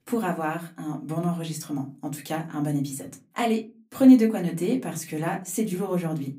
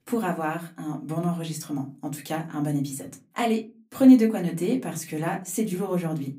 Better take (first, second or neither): neither